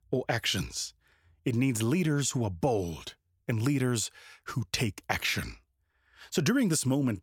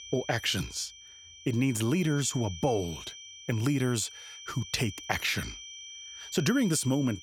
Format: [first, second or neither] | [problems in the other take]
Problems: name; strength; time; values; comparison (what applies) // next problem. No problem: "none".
first | high-pitched whine; noticeable; throughout; 3 kHz, 15 dB below the speech